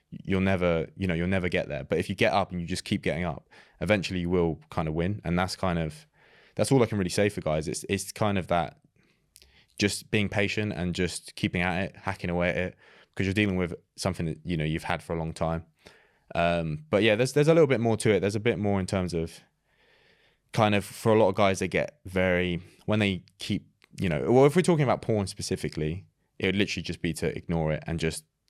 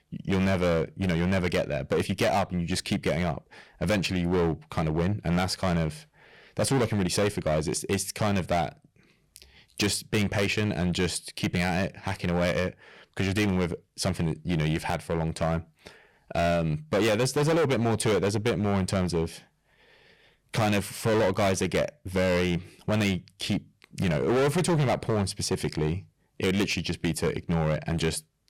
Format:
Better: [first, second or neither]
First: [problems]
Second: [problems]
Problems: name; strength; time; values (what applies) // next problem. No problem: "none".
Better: first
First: none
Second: distortion; heavy; 13% of the sound clipped